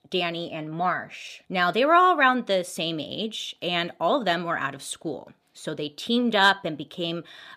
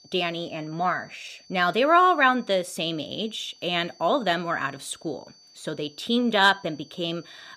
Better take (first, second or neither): first